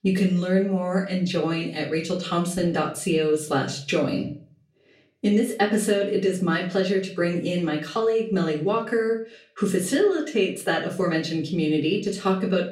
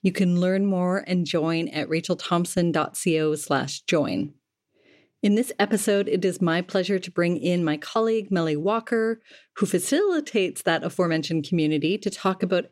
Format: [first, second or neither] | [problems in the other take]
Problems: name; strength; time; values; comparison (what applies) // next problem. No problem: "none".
second | room echo; slight; dies away in 0.4 s // off-mic speech; far